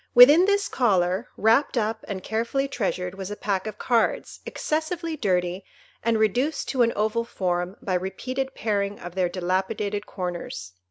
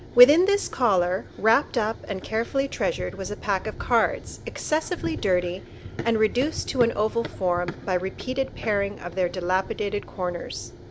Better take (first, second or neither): first